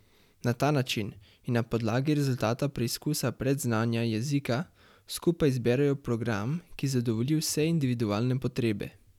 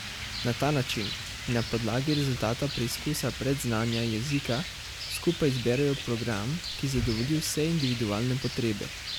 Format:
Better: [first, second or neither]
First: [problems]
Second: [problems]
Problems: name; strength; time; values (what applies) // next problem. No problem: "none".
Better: first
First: none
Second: background sound (Rain); 8 dB below the speech